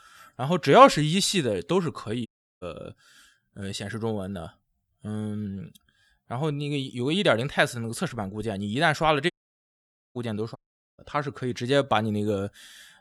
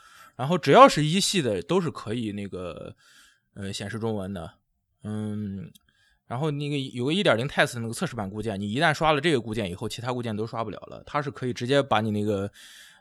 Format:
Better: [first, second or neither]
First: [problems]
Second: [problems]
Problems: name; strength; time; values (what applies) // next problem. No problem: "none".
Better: second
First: audio cutting out; at 2.5 s, at 9.5 s for 1 s and at 11 s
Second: none